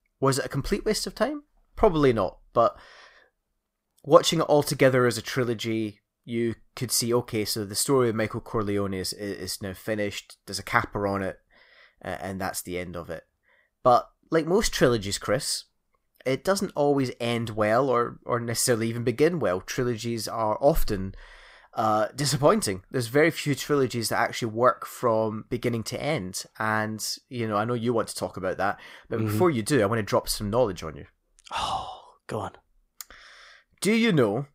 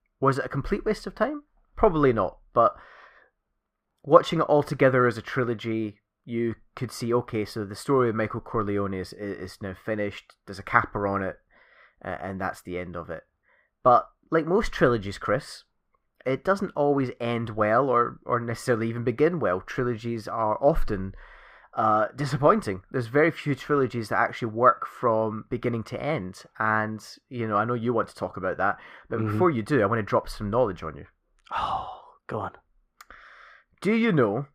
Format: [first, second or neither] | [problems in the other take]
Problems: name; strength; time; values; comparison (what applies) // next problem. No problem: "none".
first | muffled; slightly; fading above 3.5 kHz